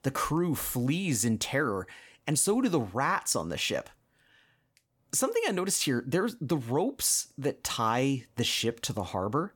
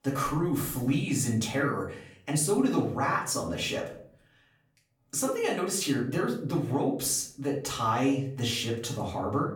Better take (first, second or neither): first